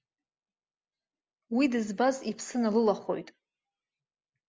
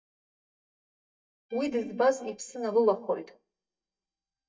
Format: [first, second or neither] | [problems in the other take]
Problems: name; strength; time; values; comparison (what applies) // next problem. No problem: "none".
first | noise reduction (neural mask model DeepFilterNet 3)